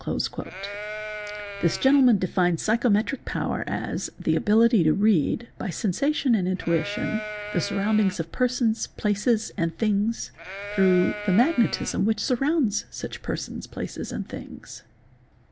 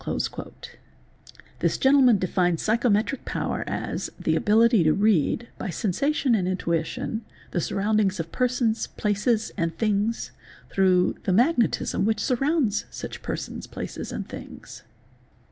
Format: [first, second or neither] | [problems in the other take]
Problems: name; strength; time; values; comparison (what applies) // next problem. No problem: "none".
second | background sound (Livestock, farm animals, working animals); 10 dB below the speech